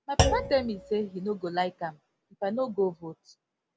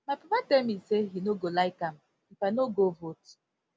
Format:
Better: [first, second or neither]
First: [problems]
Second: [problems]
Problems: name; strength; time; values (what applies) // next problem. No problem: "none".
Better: second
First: background sound (Thump, thud); 1 dB below the speech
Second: none